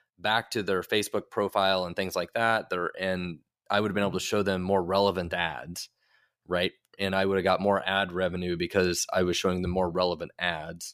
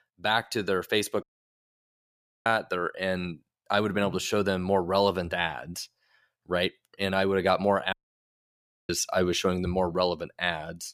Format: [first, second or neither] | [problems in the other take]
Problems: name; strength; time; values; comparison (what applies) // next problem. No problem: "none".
first | audio cutting out; at 1 s for 1 s and at 8 s for 1 s